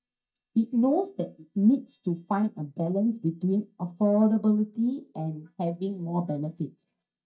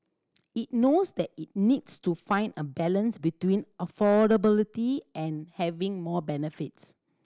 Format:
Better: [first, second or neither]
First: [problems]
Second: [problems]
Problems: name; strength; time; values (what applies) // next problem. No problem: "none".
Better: second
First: noise reduction (neural mask model DeepFilterNet 3)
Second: none